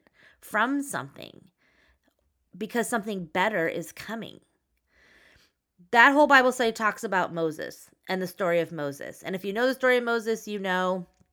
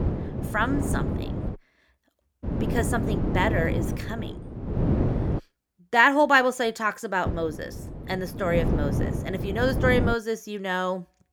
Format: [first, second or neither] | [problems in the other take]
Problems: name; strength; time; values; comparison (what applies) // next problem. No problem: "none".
first | wind noise on the microphone; occasional gusts; until 1.5 s, from 2.5 to 5.5 s and from 7.5 to 10 s; 10 dB below the speech